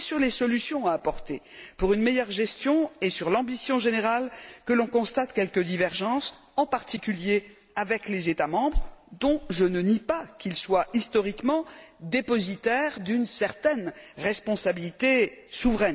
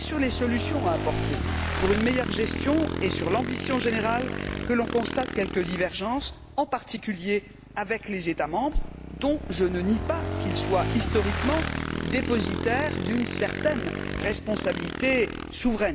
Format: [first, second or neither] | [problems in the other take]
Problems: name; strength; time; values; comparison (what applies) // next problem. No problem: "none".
first | background sound (Motorcycle / Engine); 3 dB below the speech